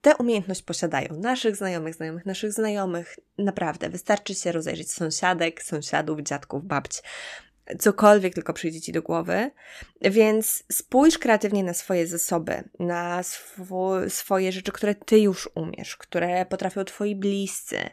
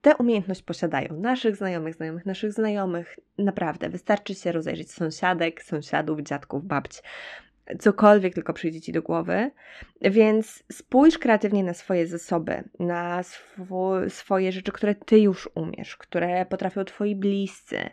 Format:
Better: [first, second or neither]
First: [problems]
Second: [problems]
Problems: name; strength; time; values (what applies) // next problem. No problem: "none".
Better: first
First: none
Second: muffled; slightly; fading above 3.5 kHz